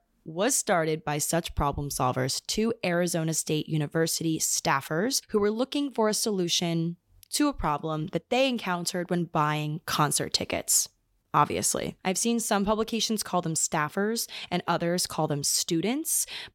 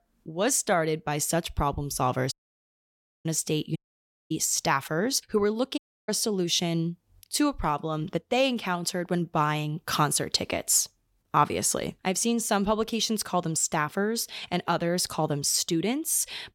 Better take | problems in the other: first | audio cutting out; at 2.5 s for 1 s, at 4 s for 0.5 s and at 6 s

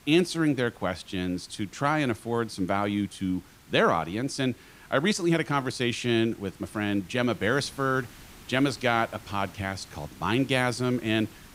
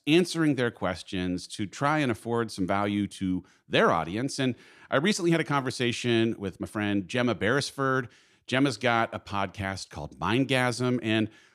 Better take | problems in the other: second | hiss; faint; throughout; 25 dB below the speech

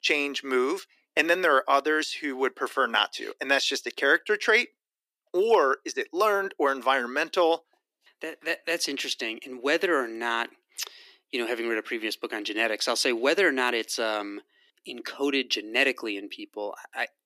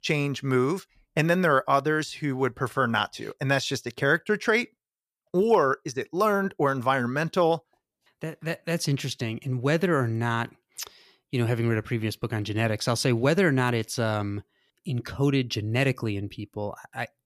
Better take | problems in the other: second | thin; somewhat; fading below 300 Hz

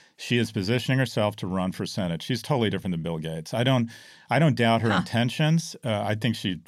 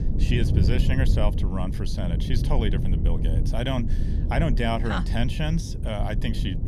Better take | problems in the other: first | low rumble; loud; throughout; 8 dB below the speech

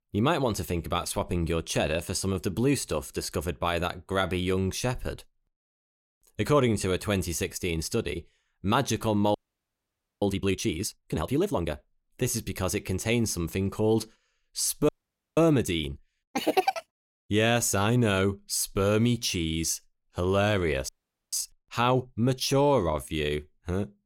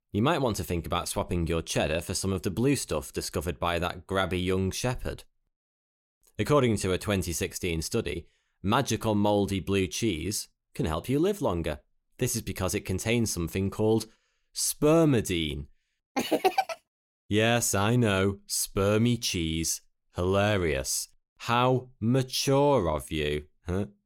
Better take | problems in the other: second | audio freezing; at 9.5 s for 1 s, at 15 s and at 21 s

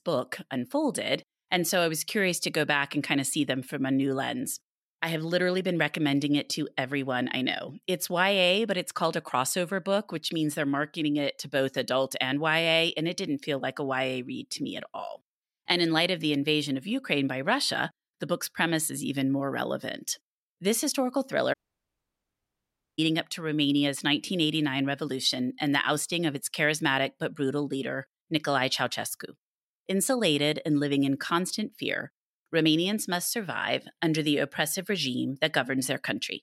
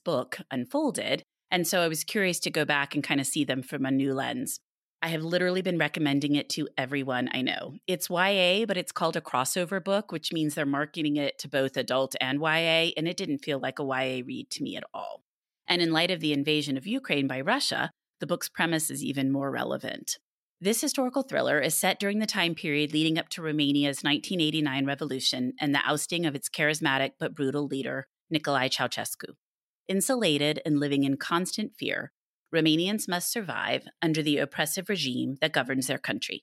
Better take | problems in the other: second | audio cutting out; at 22 s for 1.5 s

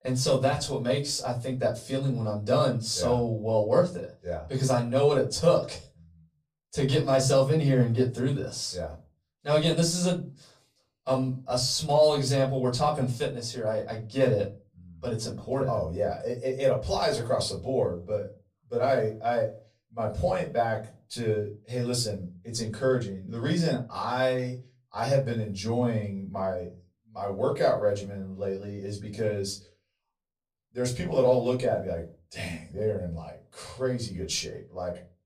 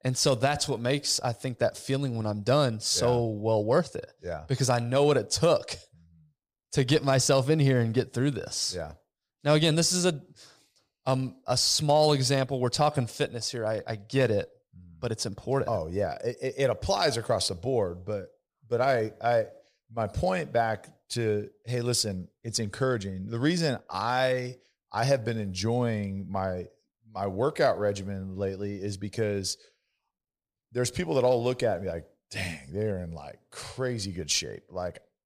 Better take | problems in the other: second | off-mic speech; far // room echo; very slight; dies away in 0.3 s

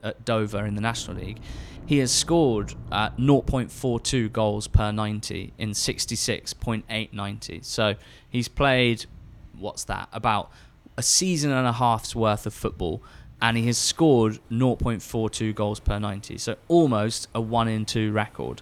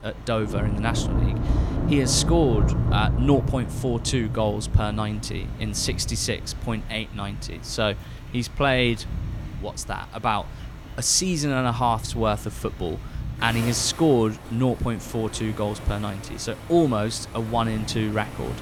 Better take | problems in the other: first | rain or running water; loud; throughout; 6 dB below the speech; faint in the first

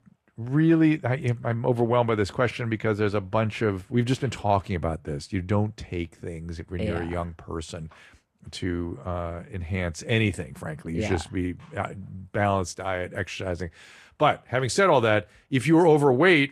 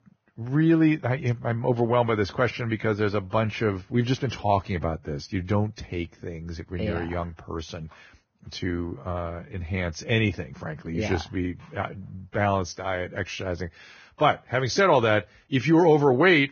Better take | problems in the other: first | garbled, watery; badly; nothing above 6.5 kHz; slightly in the first

